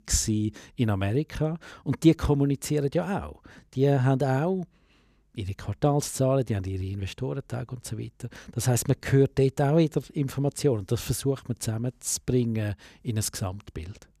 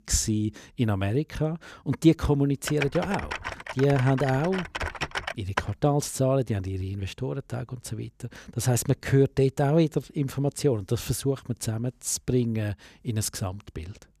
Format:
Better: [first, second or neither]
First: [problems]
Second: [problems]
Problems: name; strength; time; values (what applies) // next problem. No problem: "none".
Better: first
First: none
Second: keyboard typing; noticeable; from 2.5 to 5.5 s; peak 4 dB below the speech